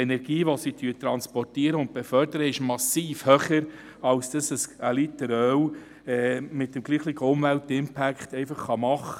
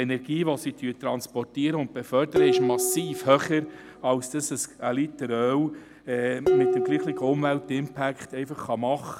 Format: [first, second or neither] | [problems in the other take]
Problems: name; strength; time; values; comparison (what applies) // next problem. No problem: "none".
first | background sound (Dishes, pots, and pans); 4 dB below the speech